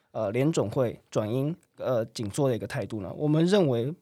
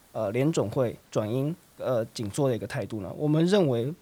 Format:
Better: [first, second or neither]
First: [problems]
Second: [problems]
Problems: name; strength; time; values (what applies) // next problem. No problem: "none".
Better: first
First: none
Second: hiss; faint; throughout; 30 dB below the speech